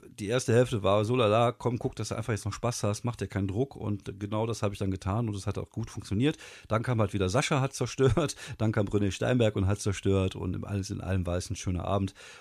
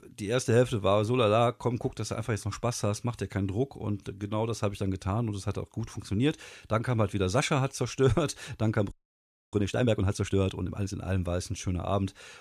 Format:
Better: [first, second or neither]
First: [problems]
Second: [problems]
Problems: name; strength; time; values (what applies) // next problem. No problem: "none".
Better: first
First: none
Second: audio freezing; at 9 s for 0.5 s